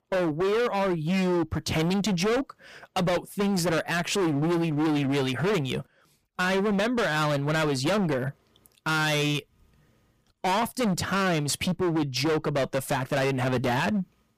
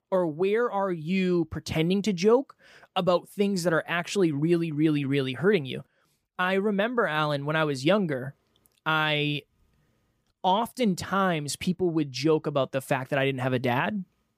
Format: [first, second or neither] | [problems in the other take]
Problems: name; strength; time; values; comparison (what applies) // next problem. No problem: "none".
second | distortion; heavy; 27% of the sound clipped